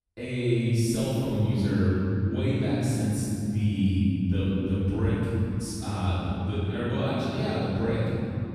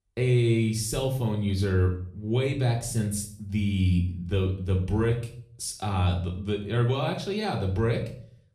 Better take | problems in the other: second | room echo; strong; dies away in 3 s; slight in the second // off-mic speech; far; somewhat distant in the second

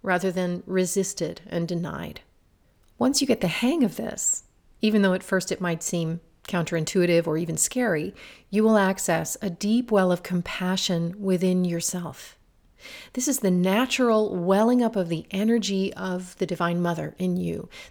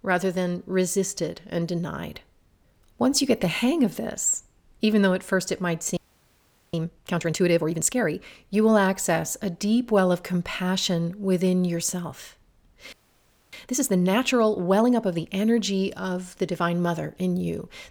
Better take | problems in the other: first | audio freezing; at 6 s for 1 s and at 13 s for 0.5 s

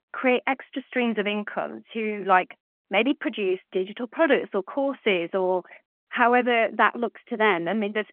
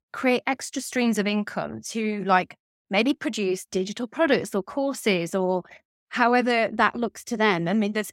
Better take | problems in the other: second | phone-call audio

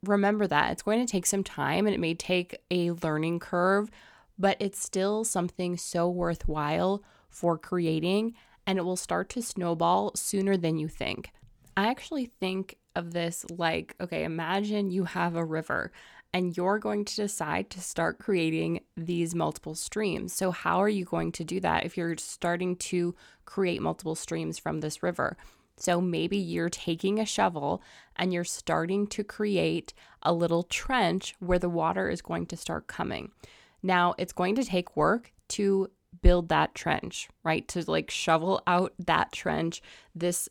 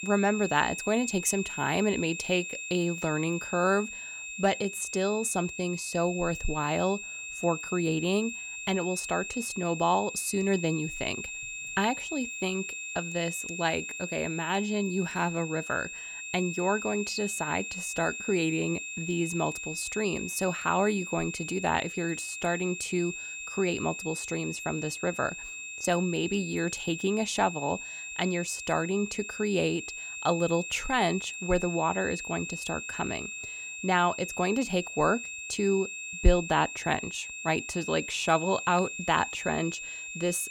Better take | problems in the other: first | high-pitched whine; loud; throughout; 2.5 kHz, 6 dB below the speech

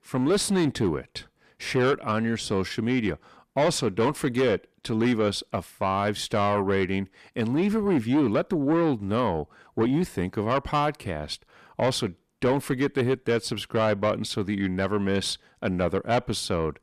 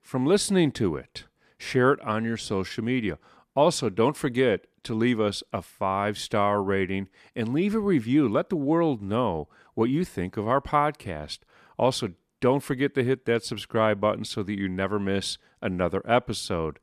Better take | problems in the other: second | distortion; slight; 10 dB below the speech

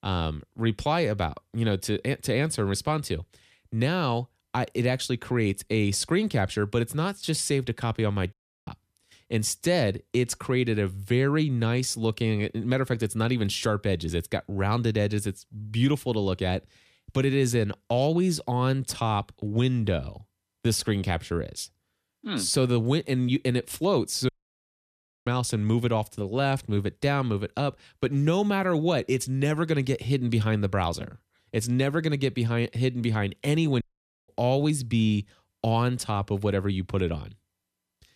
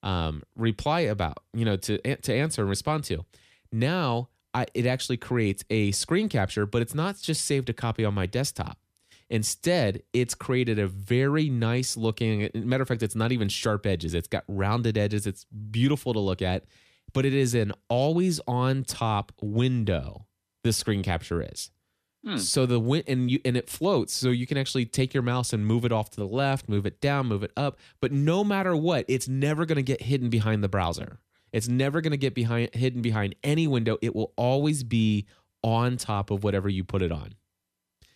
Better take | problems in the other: second | audio cutting out; at 8.5 s, at 24 s for 1 s and at 34 s

